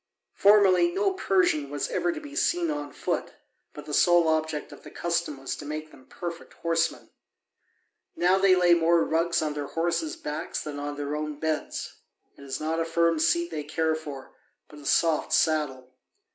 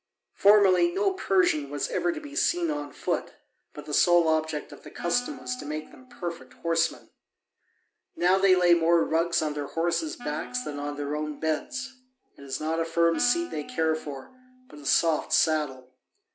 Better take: first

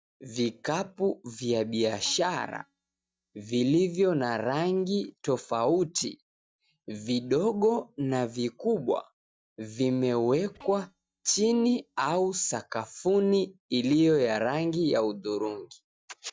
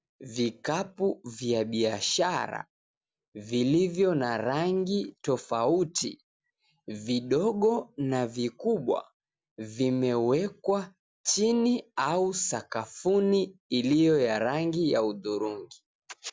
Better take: second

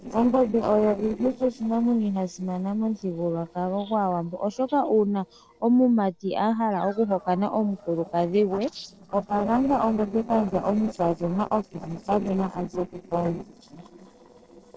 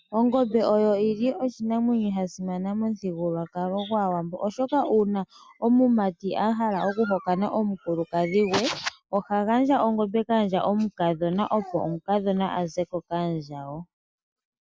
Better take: second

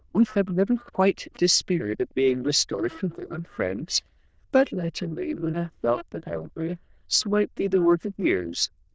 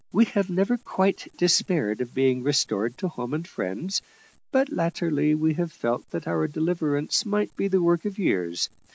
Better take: second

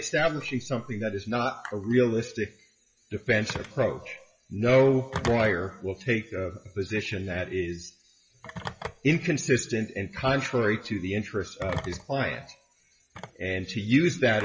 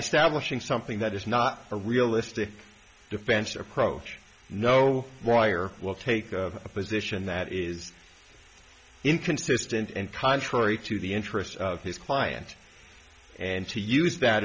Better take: second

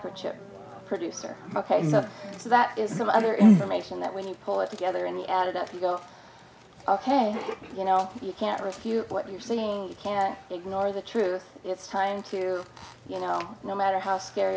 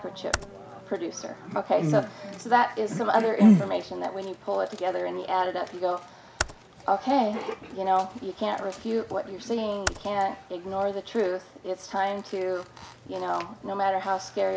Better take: first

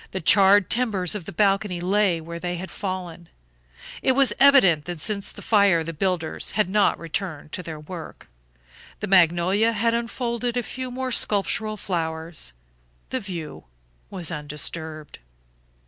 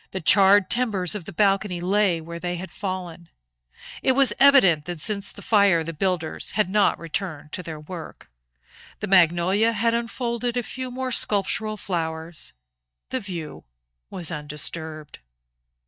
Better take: first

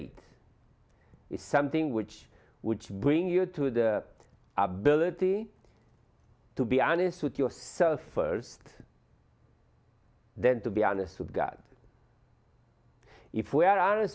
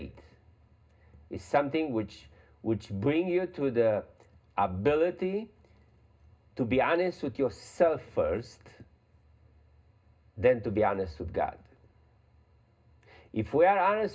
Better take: first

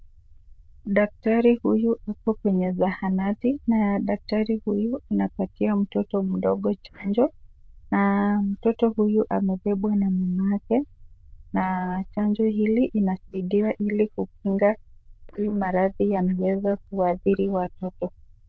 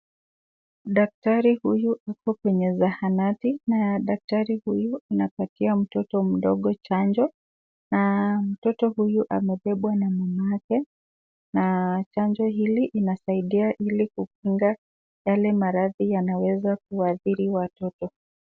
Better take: second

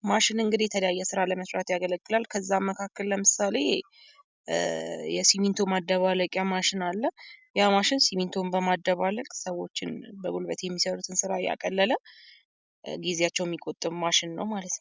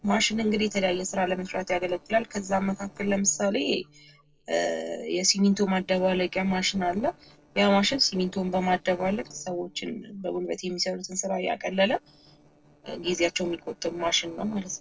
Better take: first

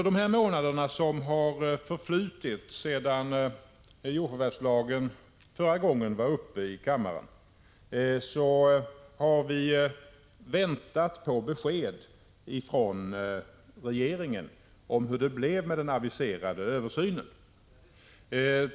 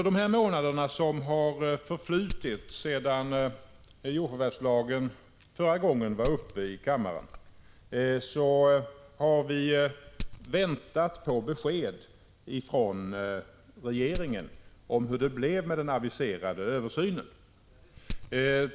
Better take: first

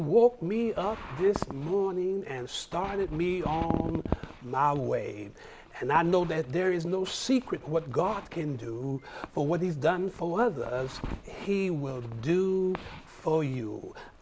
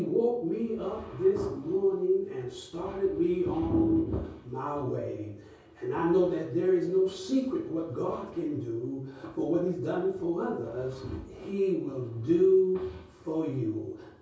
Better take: first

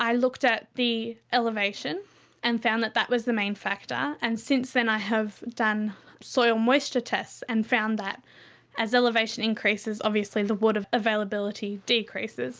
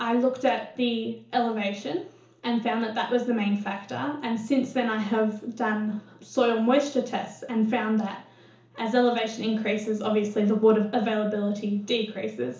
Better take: first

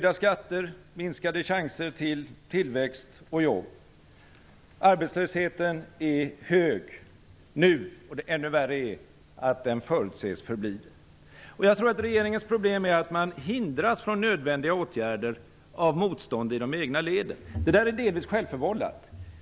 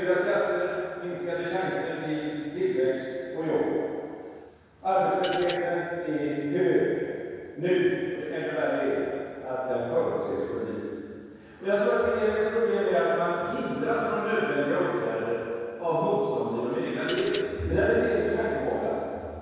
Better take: first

